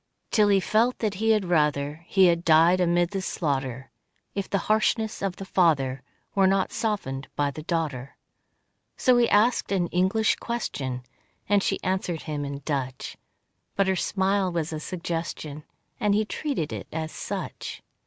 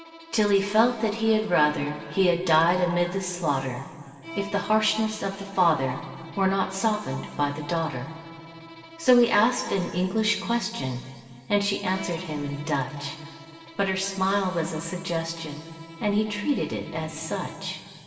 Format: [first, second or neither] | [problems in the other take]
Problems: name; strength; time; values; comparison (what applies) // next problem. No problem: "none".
first | background sound (Bowed string instrument); 19 dB below the speech // room echo; dies away in 2.7 s